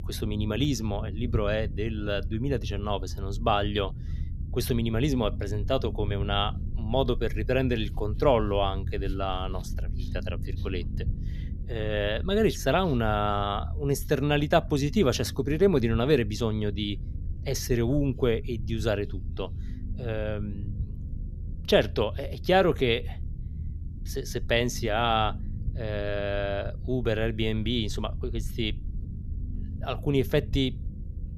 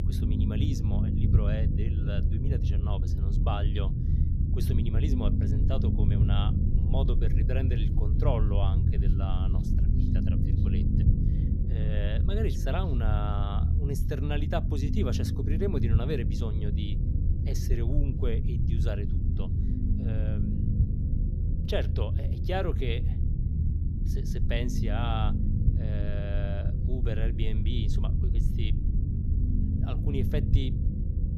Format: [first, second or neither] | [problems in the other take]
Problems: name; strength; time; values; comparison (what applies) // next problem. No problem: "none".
first | low rumble; loud; throughout; 3 dB below the speech; faint in the first